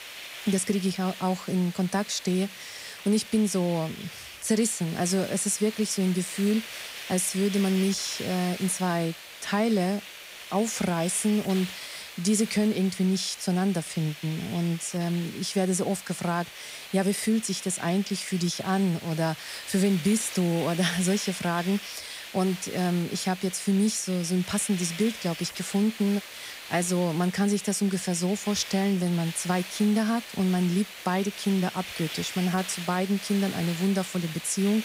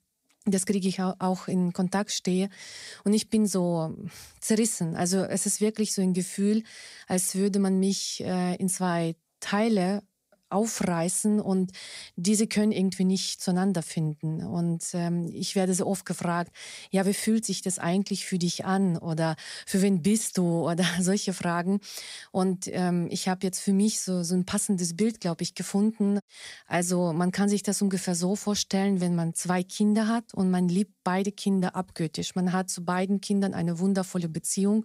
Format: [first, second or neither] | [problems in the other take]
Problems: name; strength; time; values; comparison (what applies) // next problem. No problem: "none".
second | hiss; noticeable; throughout; 10 dB below the speech